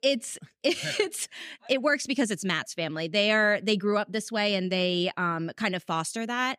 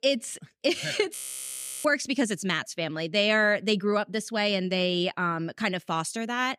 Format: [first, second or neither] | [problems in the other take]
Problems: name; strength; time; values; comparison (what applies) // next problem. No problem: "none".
first | audio freezing; at 1 s for 0.5 s